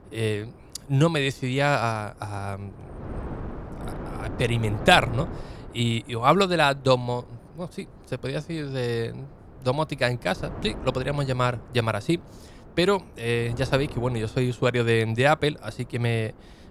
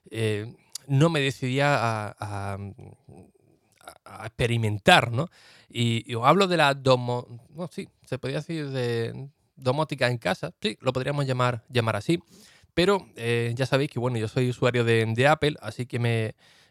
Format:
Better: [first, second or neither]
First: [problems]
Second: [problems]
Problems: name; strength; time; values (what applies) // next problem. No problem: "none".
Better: second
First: wind noise on the microphone; occasional gusts; 20 dB below the speech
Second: none